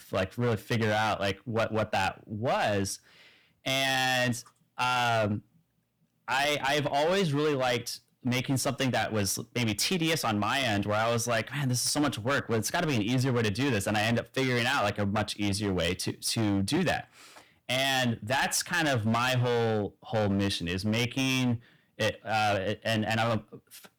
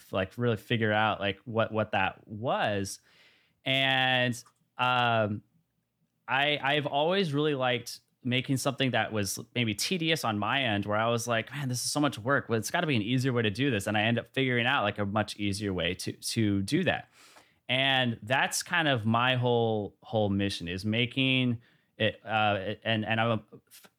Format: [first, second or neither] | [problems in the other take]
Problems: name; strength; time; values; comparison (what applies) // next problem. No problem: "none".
second | distortion; heavy; 13% of the sound clipped